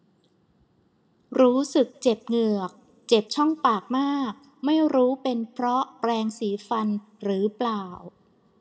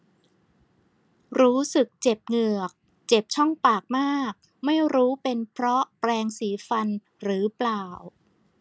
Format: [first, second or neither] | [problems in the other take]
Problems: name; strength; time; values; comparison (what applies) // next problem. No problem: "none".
second | room echo; dies away in 0.6 s